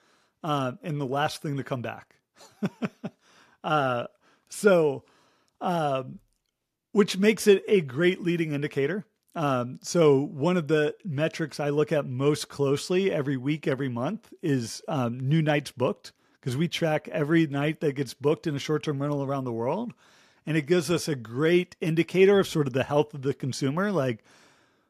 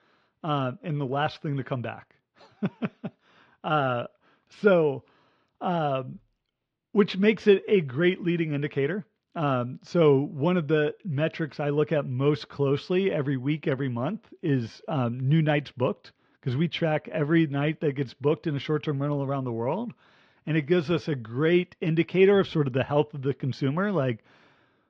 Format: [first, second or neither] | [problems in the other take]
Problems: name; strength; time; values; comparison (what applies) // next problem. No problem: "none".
first | muffled; slightly; fading above 4 kHz